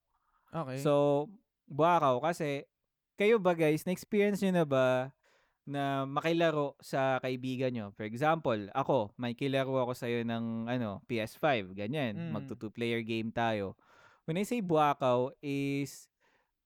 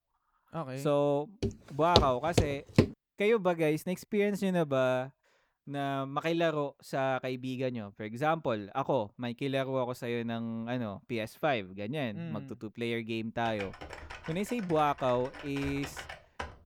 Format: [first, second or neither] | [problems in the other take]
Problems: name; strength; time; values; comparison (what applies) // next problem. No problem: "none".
first | footsteps; loud; from 1.5 to 3 s; peak 4 dB above the speech // keyboard typing; noticeable; from 13 s on; peak 10 dB below the speech